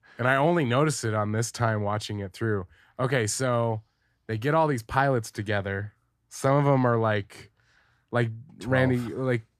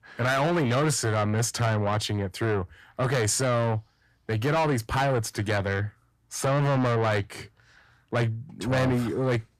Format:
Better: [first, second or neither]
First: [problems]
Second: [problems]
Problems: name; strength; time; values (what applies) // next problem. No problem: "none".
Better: first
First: none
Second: distortion; heavy; 6 dB below the speech